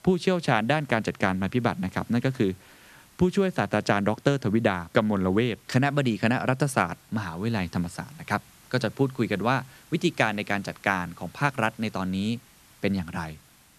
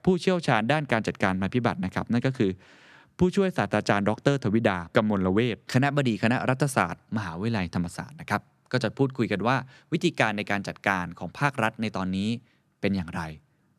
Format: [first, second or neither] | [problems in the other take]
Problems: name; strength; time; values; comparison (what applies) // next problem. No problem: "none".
second | hiss; faint; throughout; 25 dB below the speech